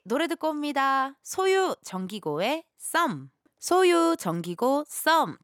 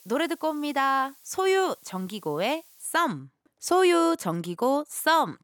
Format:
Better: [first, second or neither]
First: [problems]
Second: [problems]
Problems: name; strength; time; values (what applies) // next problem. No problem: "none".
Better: first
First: none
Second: hiss; faint; until 3 s; 25 dB below the speech